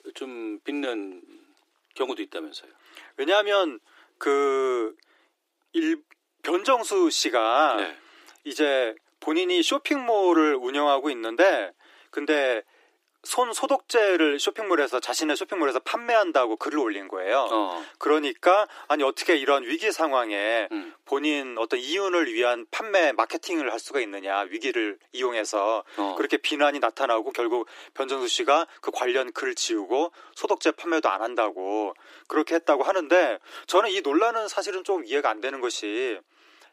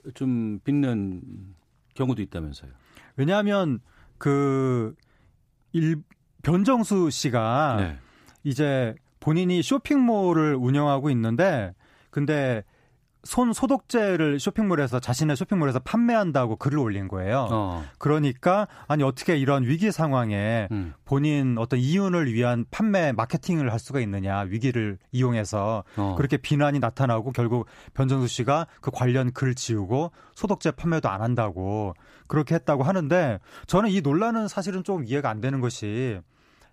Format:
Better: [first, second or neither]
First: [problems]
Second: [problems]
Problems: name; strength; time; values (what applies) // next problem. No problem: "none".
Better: second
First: thin; very; fading below 300 Hz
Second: none